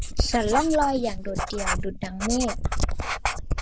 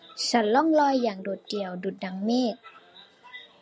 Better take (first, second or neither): second